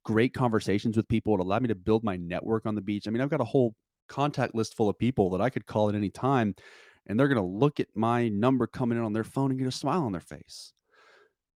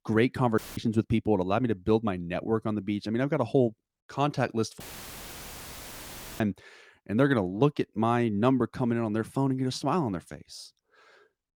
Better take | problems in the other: first | audio cutting out; filled with static; at 0.5 s and at 5 s for 1.5 s

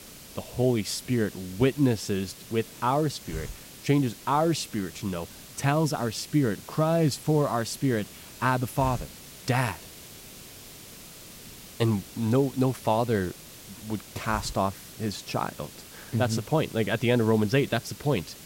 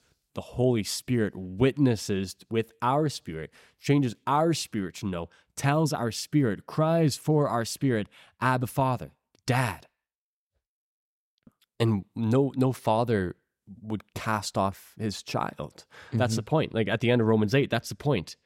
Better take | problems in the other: second | hiss; noticeable; throughout; 15 dB below the speech

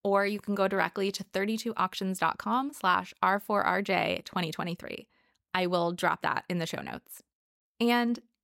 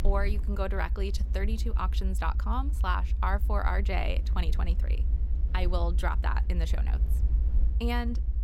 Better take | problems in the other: first | low rumble; noticeable; throughout; 15 dB below the speech

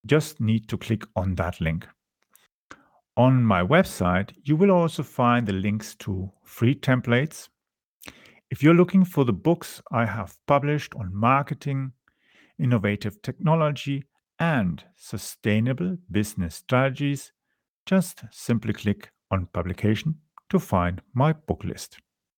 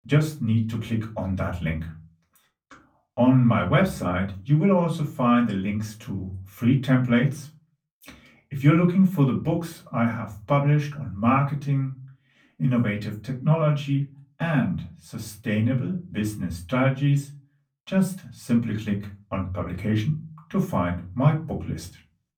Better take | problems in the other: first | off-mic speech; far // room echo; very slight; dies away in 0.3 s

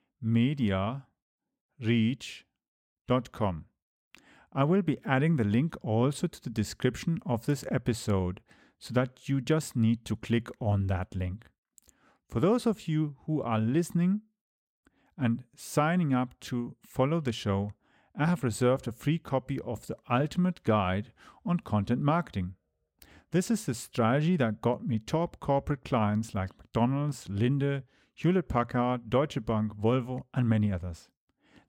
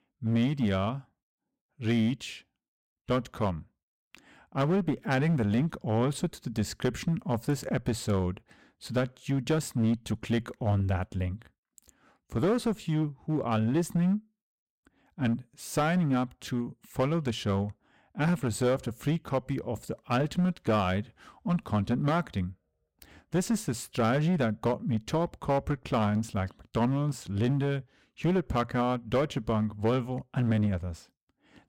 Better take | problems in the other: first | distortion; slight; 6% of the sound clipped

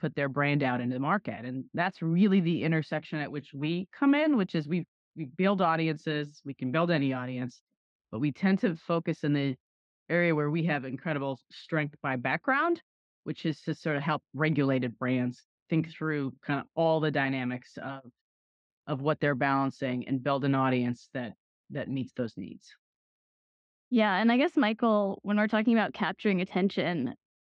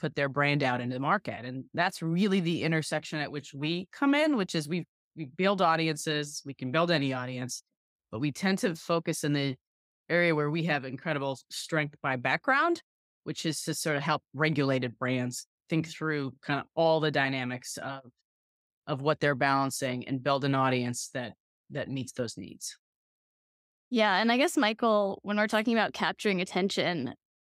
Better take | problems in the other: second | muffled; slightly; fading above 3 kHz

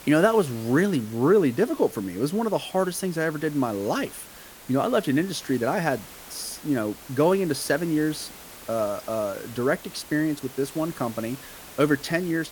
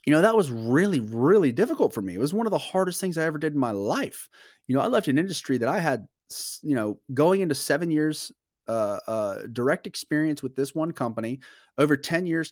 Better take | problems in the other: second | hiss; noticeable; throughout; 15 dB below the speech

